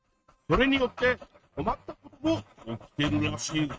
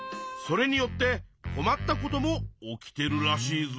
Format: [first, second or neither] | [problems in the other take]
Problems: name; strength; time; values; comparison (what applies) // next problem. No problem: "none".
second | noise reduction (neural mask model RNNoise)